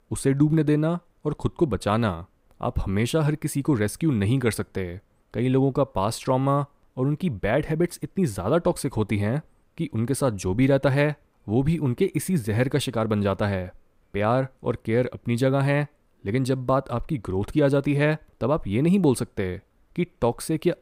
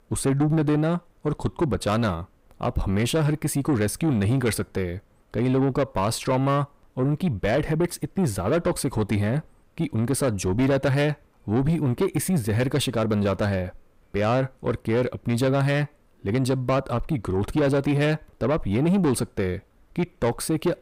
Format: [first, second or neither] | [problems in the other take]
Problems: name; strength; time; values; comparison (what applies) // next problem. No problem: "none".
first | distortion; slight; 10 dB below the speech